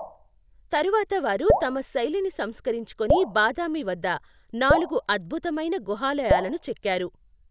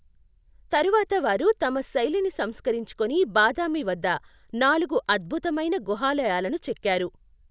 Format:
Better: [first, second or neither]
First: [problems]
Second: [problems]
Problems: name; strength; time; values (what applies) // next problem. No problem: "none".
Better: second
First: background sound (Drip); 4 dB below the speech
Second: none